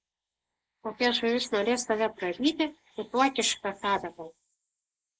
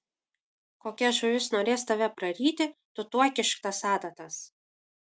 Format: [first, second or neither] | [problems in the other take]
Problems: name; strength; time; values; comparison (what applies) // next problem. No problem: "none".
second | noise reduction (neural mask model Resemble Enhance denoiser)